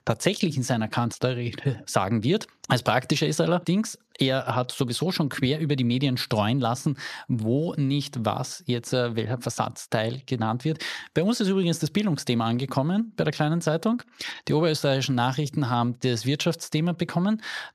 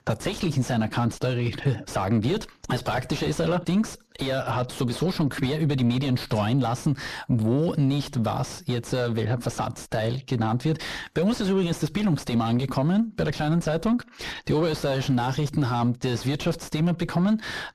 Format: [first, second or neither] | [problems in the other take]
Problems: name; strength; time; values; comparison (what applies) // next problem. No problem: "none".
first | distortion; heavy; 5 dB below the speech